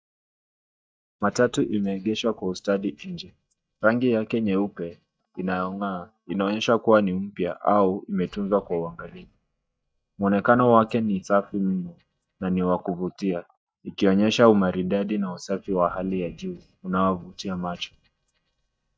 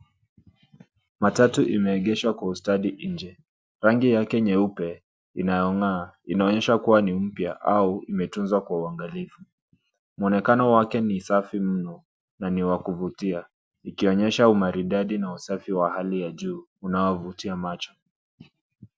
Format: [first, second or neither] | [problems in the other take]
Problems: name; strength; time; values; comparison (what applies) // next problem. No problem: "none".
second | noise reduction (neural mask model DeepFilterNet 3)